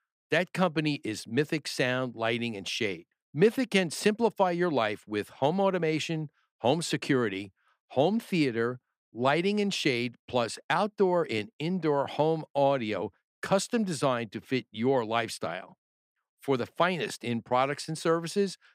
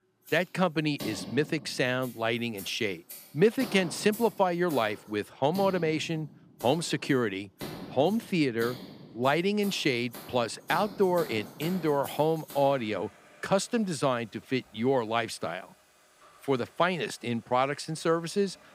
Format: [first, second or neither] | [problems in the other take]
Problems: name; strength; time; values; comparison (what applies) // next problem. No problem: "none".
first | household noises; noticeable; throughout; 15 dB below the speech